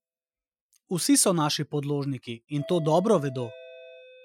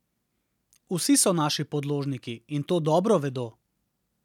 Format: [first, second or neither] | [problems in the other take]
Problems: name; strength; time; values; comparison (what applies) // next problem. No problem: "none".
second | noise reduction (classical method Wiener filter)